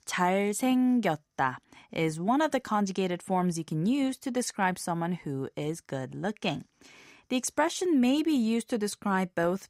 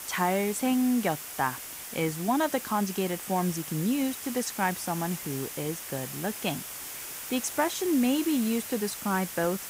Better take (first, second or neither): first